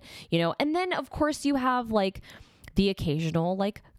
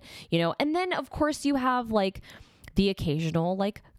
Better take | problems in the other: neither | none

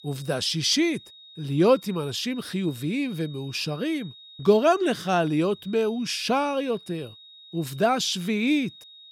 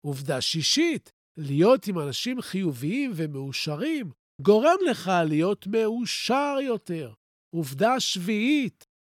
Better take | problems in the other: second | high-pitched whine; faint; throughout; 4 kHz, 20 dB below the speech

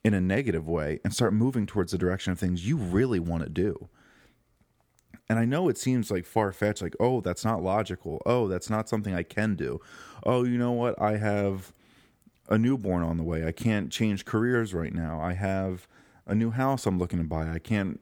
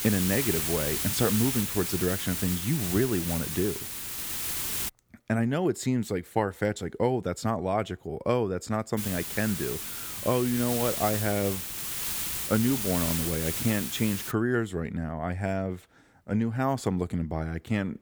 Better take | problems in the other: first | hiss; loud; until 5 s and from 9 to 14 s; 1 dB below the speech

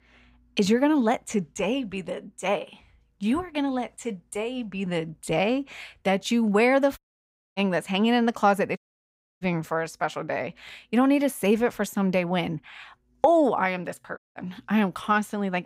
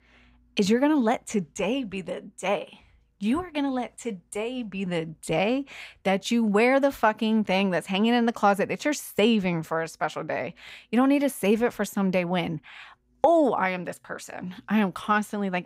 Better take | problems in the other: second | audio cutting out; at 7 s for 0.5 s, at 9 s for 0.5 s and at 14 s

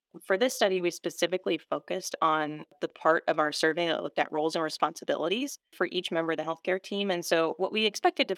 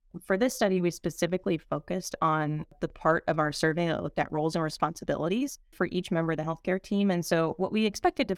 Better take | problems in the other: second | thin; somewhat; fading below 350 Hz

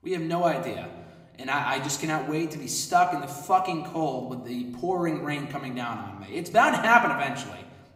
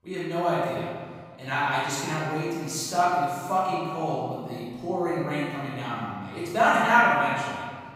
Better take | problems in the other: first | room echo; strong; dies away in 1.7 s; slight in the first // off-mic speech; far; somewhat distant in the first

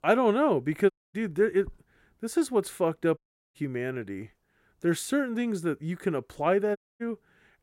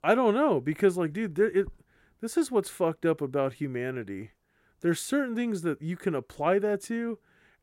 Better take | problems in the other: second | audio cutting out; at 1 s, at 3 s and at 7 s

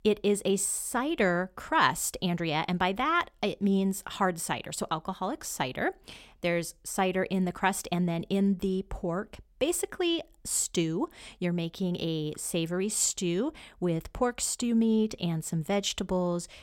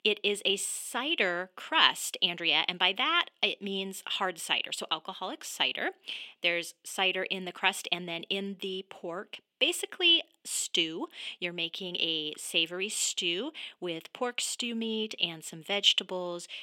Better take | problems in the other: first | thin; somewhat; fading below 250 Hz

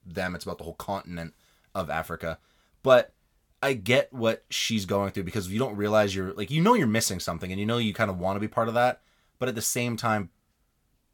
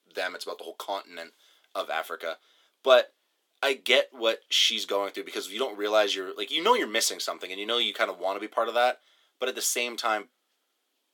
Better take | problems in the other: first | thin; very; fading below 300 Hz

